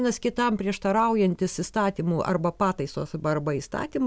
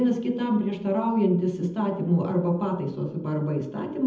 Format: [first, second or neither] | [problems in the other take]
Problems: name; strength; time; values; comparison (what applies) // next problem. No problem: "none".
first | room echo; dies away in 0.8 s